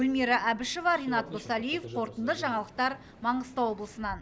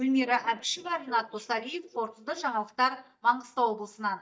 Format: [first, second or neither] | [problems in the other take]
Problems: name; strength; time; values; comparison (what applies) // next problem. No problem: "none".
first | noise reduction (neural mask model DeepFilterNet 3)